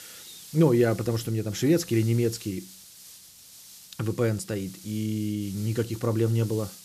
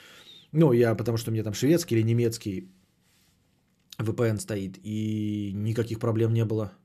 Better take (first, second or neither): second